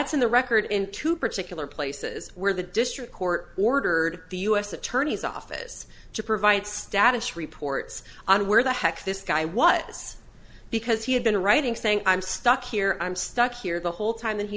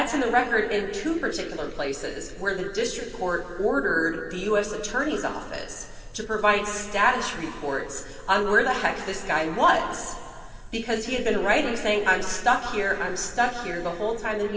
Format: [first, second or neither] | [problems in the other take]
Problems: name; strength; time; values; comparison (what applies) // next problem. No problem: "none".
first | room echo; dies away in 2.4 s